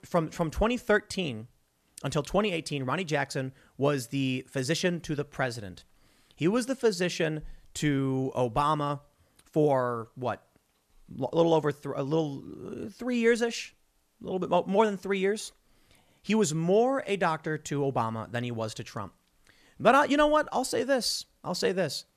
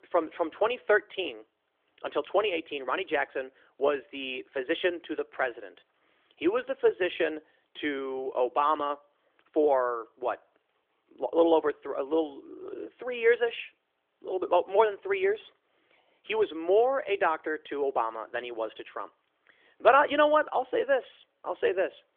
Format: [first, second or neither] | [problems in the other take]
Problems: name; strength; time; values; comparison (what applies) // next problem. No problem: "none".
first | phone-call audio; nothing above 3.5 kHz